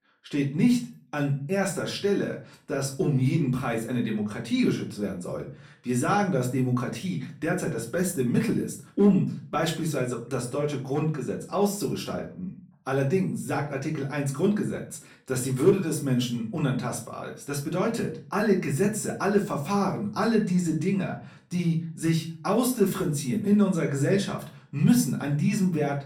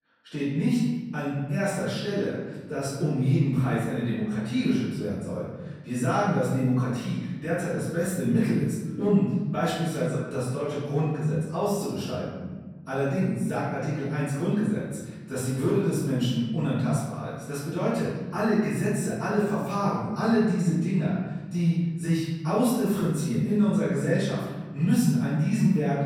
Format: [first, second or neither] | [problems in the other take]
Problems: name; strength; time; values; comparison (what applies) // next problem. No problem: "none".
first | room echo; strong; dies away in 1.3 s; slight in the first // off-mic speech; far; far in the first